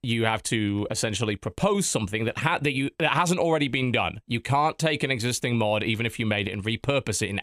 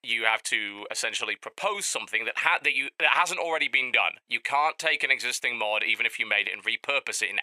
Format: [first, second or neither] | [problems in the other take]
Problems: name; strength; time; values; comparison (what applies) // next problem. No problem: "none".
first | thin; very; fading below 750 Hz